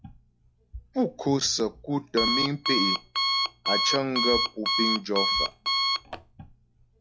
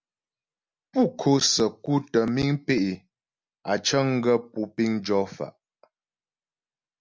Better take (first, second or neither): second